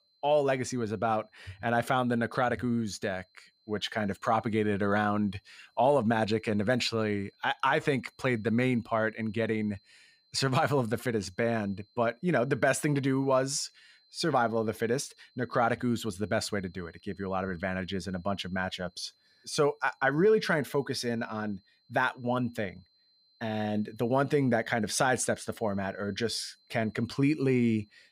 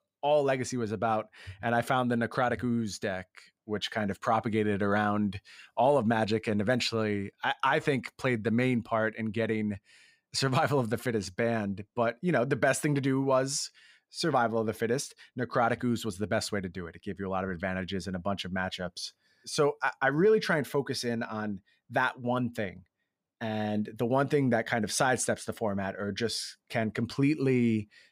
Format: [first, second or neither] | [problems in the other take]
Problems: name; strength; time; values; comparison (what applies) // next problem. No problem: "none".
second | high-pitched whine; faint; throughout; 4 kHz, 35 dB below the speech